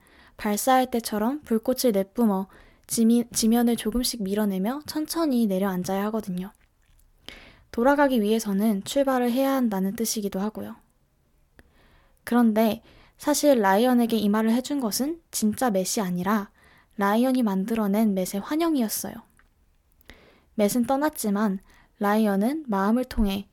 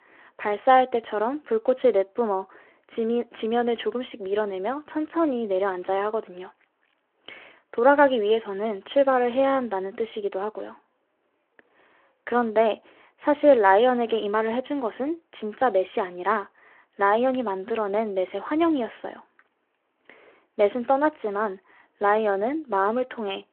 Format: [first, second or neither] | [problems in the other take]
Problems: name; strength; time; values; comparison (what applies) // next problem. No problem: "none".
first | phone-call audio